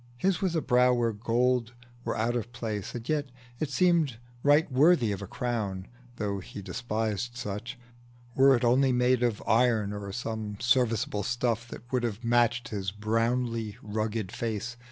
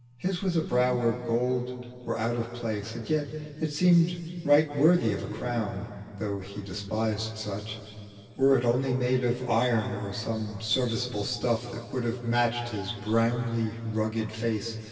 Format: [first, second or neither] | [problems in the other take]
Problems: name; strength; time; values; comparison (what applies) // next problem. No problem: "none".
first | room echo; dies away in 2.6 s